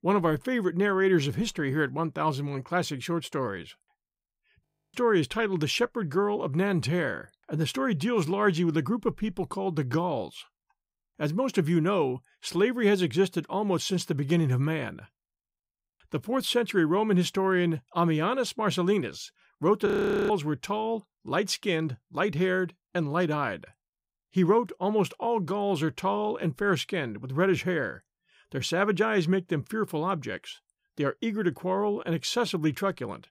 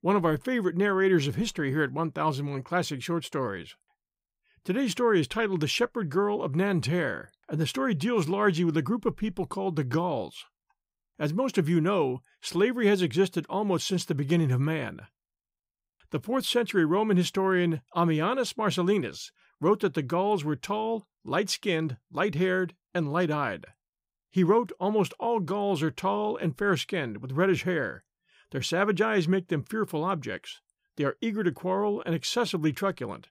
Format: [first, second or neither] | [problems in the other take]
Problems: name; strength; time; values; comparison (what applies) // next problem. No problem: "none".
second | audio freezing; at 4.5 s and at 20 s